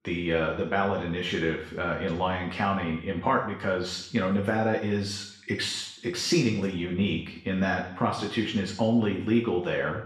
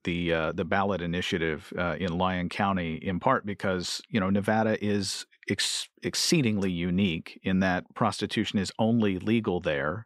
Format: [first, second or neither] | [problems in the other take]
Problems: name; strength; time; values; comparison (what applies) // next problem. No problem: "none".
second | room echo; noticeable; dies away in 0.6 s // off-mic speech; far